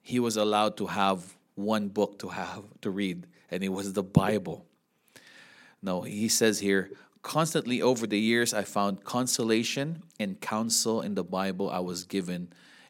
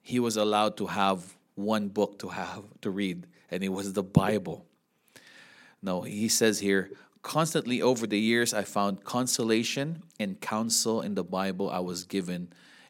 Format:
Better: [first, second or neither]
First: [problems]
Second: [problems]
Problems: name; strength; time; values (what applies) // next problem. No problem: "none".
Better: neither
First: none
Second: none